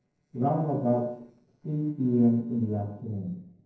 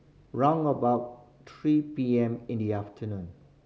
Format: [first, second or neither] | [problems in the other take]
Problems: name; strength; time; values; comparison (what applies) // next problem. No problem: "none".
second | noise reduction (neural separator model SepFormer DNS4)